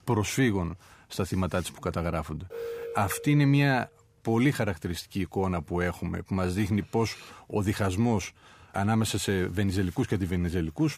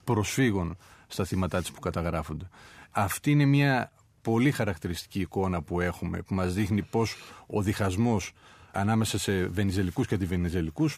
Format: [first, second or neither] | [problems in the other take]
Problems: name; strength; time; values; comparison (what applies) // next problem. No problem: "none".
second | alarm; noticeable; from 2.5 to 3.5 s; peak 8 dB below the speech